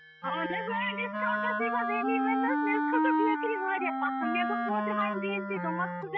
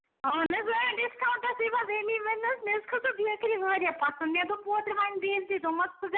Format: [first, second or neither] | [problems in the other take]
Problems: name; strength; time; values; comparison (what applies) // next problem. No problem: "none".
second | noise reduction (classical method spectral subtraction)